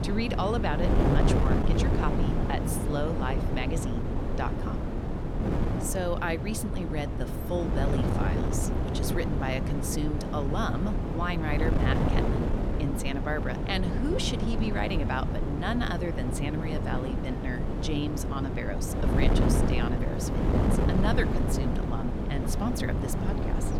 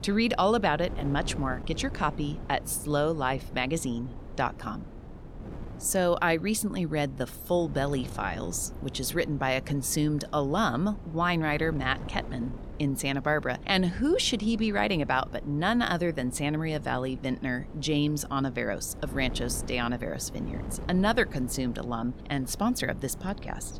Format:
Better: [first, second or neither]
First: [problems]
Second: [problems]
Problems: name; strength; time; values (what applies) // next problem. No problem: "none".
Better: second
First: wind noise on the microphone; heavy; 1 dB below the speech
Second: wind noise on the microphone; occasional gusts; 20 dB below the speech